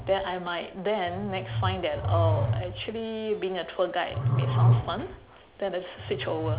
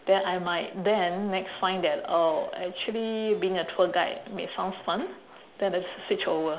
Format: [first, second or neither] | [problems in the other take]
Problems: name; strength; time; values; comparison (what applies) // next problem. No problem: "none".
second | background sound (Growling); 1 dB above the speech